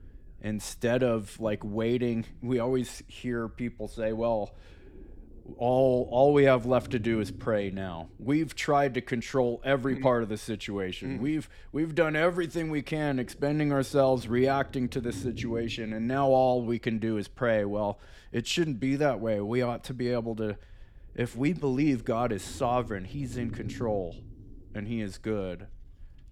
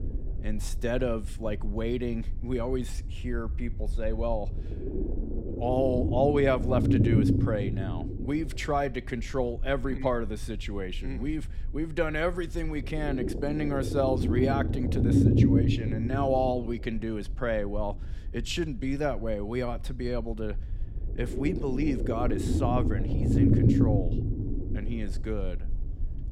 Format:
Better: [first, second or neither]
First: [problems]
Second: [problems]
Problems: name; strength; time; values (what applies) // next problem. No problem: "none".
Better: first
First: low rumble; faint; throughout; 25 dB below the speech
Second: low rumble; loud; throughout; 3 dB below the speech